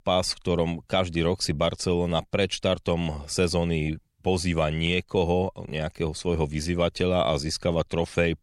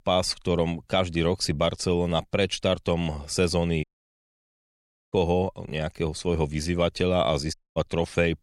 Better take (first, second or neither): first